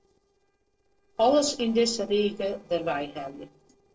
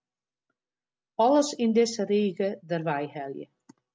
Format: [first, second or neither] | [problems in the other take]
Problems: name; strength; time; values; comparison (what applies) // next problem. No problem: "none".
second | noise reduction (neural separator model SepFormer DNS4)